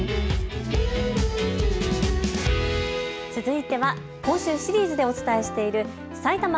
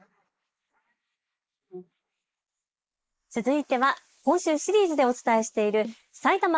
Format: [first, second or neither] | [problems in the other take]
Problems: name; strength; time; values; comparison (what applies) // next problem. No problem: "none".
first | noise reduction (neural mask model Resemble Enhance denoiser)